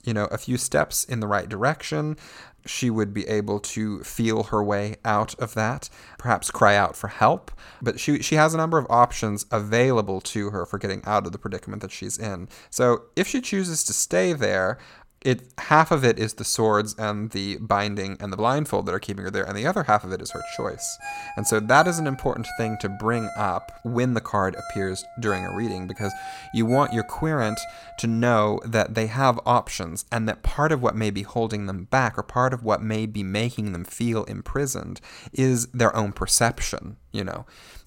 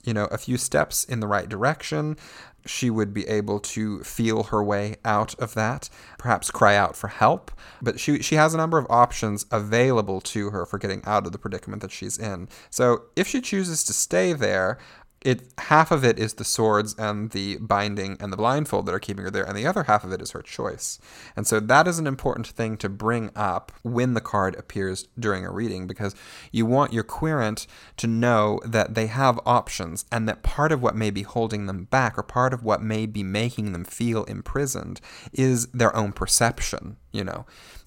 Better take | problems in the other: second | phone ringing; faint; from 20 to 28 s; peak 10 dB below the speech

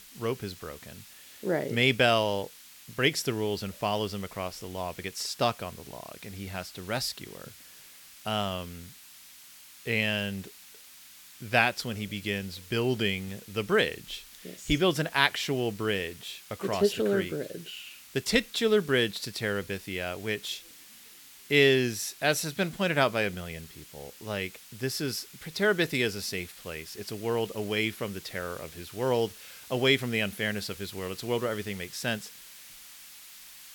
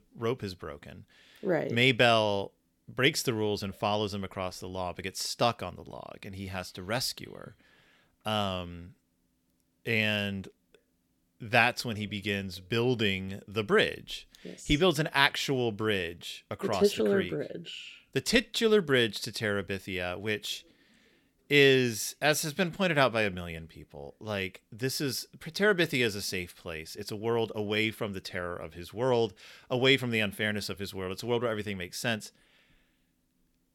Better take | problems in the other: second | hiss; noticeable; throughout; 20 dB below the speech

